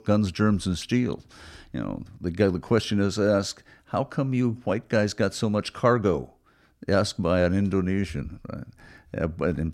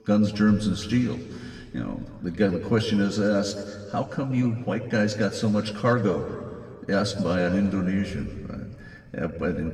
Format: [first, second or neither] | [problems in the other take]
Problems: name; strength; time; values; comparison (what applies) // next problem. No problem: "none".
first | room echo; slight; dies away in 1.9 s // off-mic speech; somewhat distant